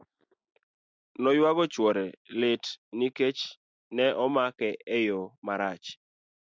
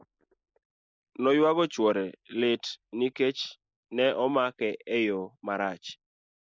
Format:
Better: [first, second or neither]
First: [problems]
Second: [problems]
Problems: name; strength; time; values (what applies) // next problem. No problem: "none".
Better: first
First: none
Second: noise reduction (neural mask model Resemble Enhance denoiser)